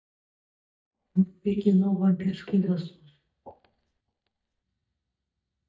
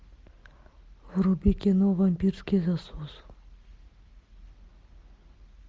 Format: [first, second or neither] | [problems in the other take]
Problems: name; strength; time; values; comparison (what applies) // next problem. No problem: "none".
second | noise reduction (neural mask model DeepFilterNet 3)